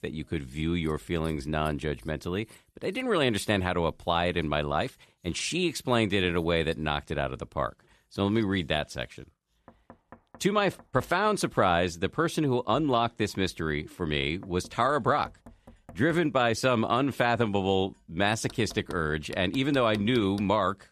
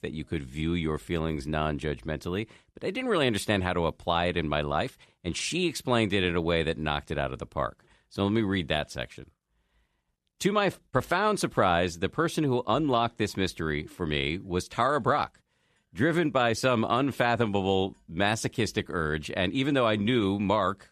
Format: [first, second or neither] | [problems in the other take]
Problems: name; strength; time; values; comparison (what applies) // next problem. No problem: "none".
second | household noises; faint; throughout; 25 dB below the speech